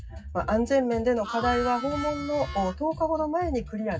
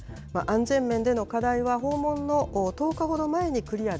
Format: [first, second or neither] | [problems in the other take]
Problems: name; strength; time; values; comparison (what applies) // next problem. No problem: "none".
second | noise reduction (classical method WPE with log-MMSE)